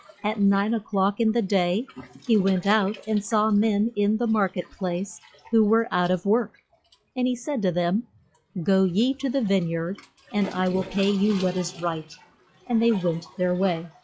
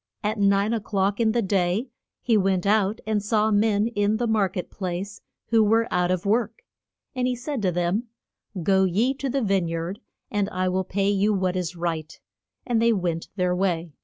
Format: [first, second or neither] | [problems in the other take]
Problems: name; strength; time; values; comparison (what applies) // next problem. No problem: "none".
second | noise reduction (classical method log-MMSE)